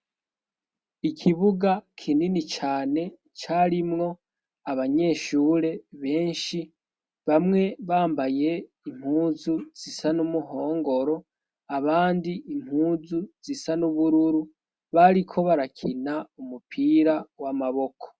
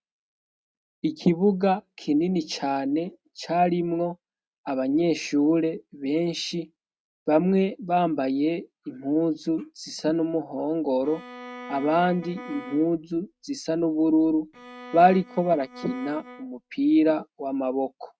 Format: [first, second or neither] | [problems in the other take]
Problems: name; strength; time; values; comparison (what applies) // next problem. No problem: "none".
first | noise reduction (neural mask model RNNoise)